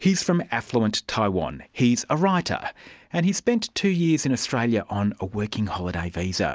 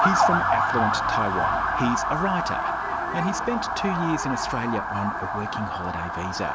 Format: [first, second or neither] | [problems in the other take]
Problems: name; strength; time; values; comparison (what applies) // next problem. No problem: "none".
first | background sound (Motor vehicle (road) / Siren); 4 dB above the speech